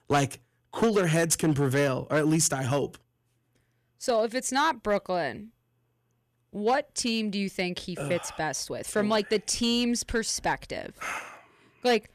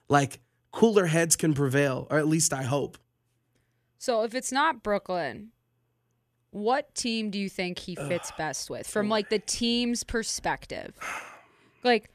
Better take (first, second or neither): second